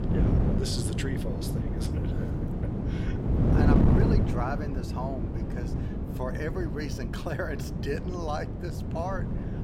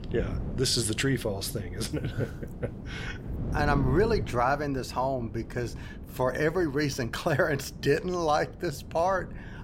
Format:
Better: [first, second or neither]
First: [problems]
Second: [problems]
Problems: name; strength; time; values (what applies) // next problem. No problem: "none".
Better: second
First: wind noise on the microphone; heavy; as loud as the speech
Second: wind noise on the microphone; occasional gusts; 15 dB below the speech